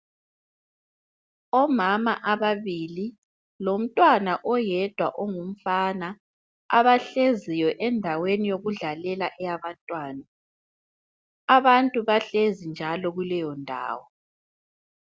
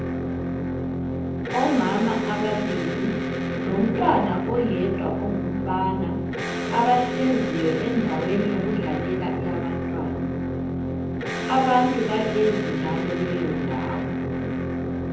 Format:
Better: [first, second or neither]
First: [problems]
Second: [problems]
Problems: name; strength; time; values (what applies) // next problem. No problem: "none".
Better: first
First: none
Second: background sound (Electric guitar); as loud as the speech // room echo; dies away in 1 s